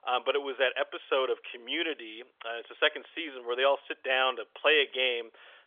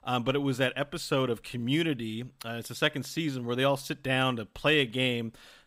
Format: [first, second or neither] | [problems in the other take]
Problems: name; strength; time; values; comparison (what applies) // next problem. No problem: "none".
second | phone-call audio; nothing above 3.5 kHz